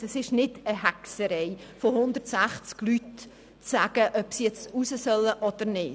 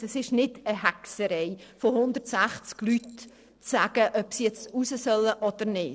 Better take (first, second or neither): first